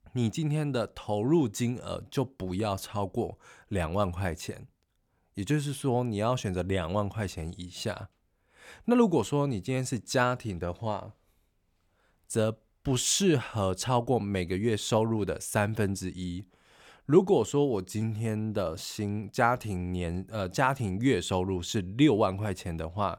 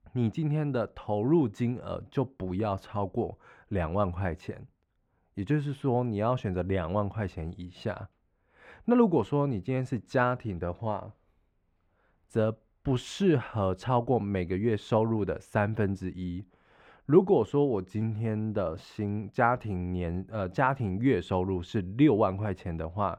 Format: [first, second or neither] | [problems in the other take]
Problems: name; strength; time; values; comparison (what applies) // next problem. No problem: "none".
first | muffled; very; fading above 4 kHz